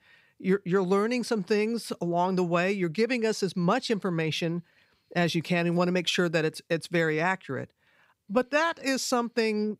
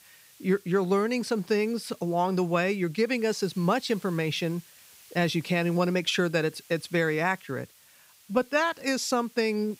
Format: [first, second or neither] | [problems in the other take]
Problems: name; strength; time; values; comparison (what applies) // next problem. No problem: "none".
first | hiss; faint; throughout; 25 dB below the speech